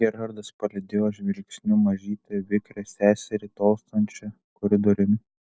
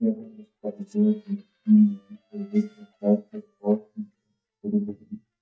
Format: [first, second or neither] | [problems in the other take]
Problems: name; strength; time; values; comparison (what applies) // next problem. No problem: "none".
first | noise reduction (neural mask model DeepFilterNet 3)